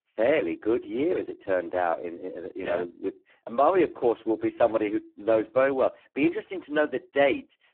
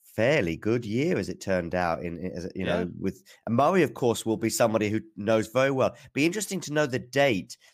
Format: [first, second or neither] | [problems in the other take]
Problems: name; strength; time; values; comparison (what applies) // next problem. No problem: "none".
second | phone-call audio; poor line